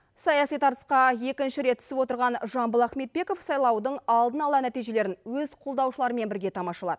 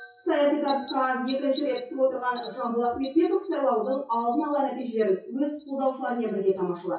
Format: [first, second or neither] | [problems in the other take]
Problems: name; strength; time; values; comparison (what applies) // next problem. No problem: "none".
first | noise reduction (classical method WPE with log-MMSE)